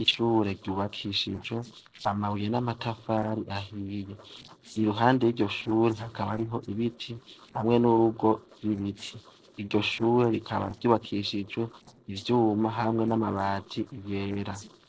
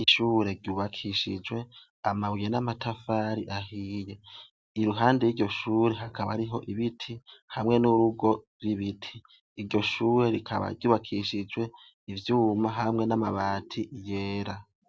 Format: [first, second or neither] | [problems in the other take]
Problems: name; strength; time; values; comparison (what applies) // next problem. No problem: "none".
second | noise reduction (neural separator model SepFormer DNS4)